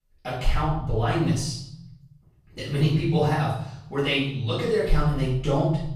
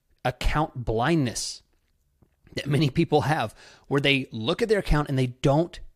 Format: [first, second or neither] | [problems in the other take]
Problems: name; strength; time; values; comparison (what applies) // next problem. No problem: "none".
second | off-mic speech; far // room echo; noticeable; dies away in 0.8 s